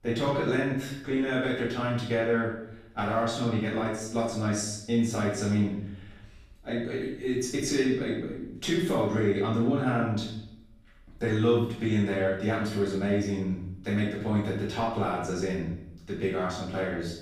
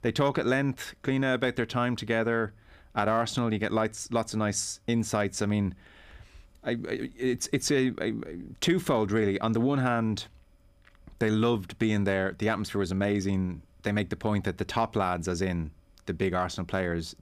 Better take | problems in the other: second | room echo; noticeable; dies away in 0.7 s // off-mic speech; far

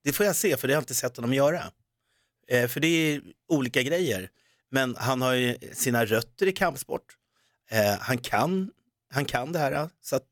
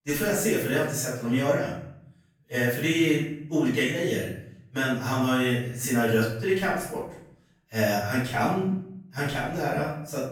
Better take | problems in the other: first | off-mic speech; far // room echo; noticeable; dies away in 0.7 s

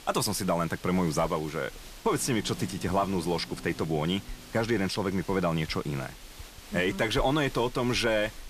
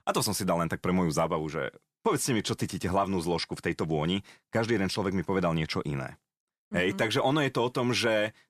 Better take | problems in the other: second | hiss; noticeable; throughout; 15 dB below the speech

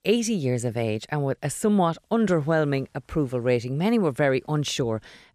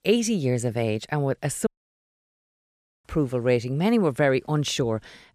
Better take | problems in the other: first | audio cutting out; at 1.5 s for 1.5 s

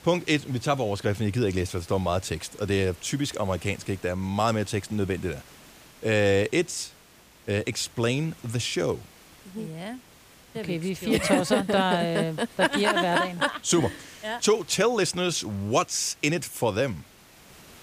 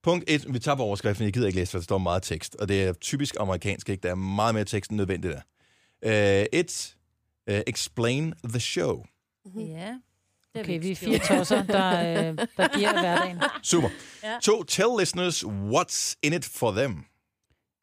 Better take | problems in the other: second | hiss; faint; throughout; 25 dB below the speech

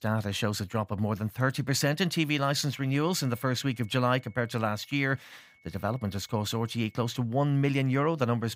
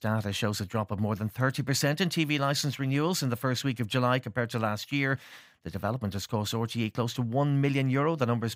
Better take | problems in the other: second | high-pitched whine; faint; from 3 to 7 s; 2 kHz, 30 dB below the speech

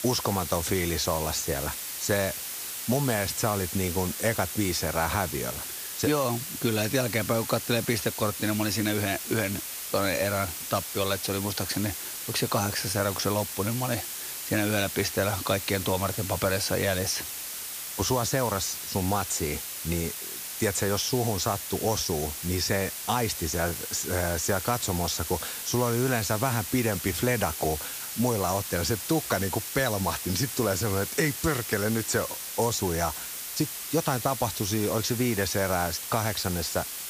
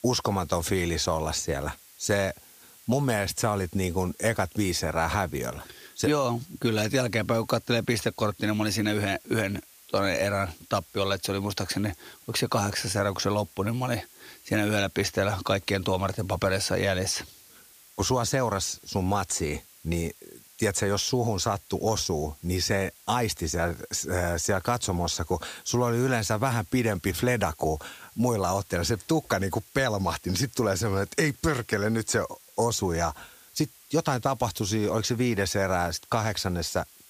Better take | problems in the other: second | hiss; loud; throughout; 5 dB below the speech; faint in the second

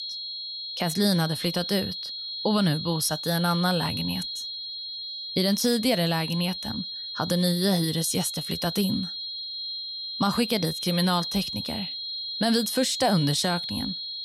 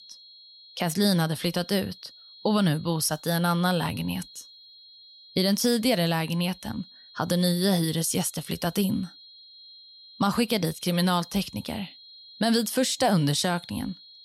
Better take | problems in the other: second | high-pitched whine; loud; throughout; 4 kHz, 5 dB below the speech; faint in the second

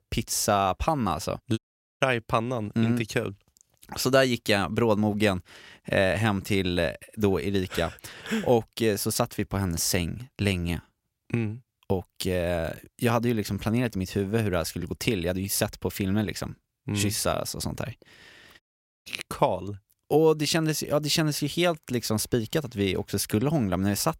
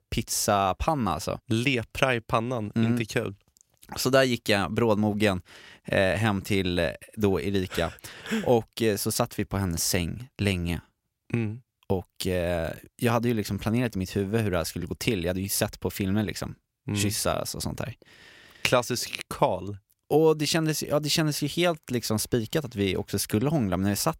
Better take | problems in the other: second | audio cutting out; at 1.5 s and at 19 s

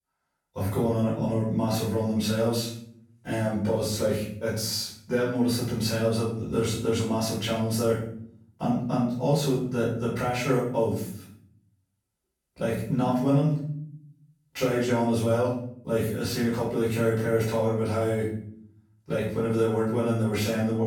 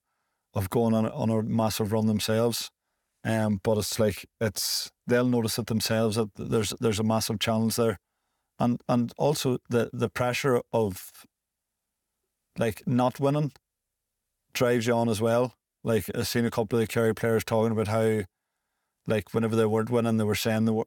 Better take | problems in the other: second | off-mic speech; far // room echo; noticeable; dies away in 0.6 s

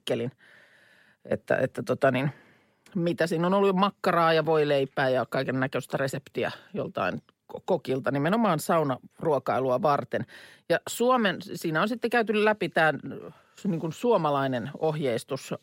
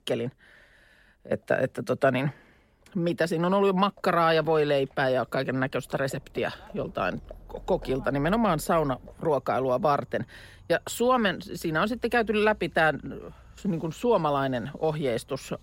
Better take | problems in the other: first | animal sounds; faint; throughout; 25 dB below the speech

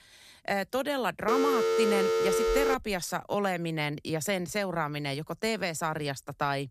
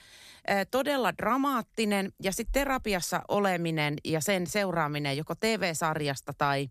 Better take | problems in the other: second | phone ringing; loud; from 1.5 to 3 s; peak 5 dB above the speech

